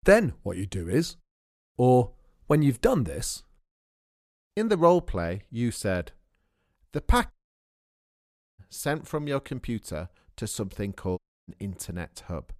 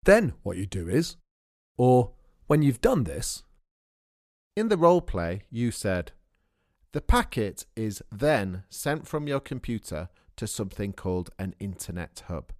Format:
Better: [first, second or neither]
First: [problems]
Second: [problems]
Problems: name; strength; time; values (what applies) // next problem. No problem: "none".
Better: second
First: audio cutting out; at 7.5 s for 1.5 s and at 11 s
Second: none